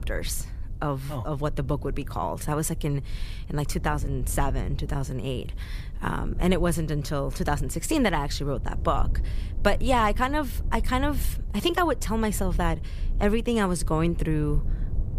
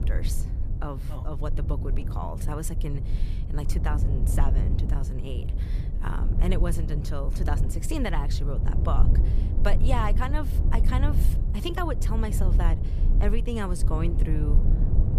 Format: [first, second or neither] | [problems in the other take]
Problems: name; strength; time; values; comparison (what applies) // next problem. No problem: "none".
first | low rumble; loud; throughout; 7 dB below the speech; faint in the first